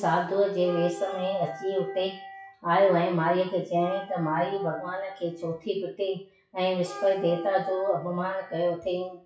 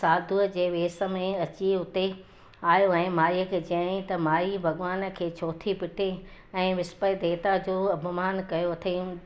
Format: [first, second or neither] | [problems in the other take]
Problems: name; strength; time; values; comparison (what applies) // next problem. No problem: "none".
second | noise reduction (classical method WPE with log-MMSE)